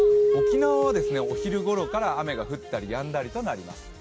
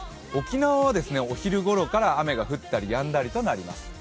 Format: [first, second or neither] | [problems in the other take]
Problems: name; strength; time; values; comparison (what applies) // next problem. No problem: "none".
second | background sound (Keyboard (musical)); 3 dB above the speech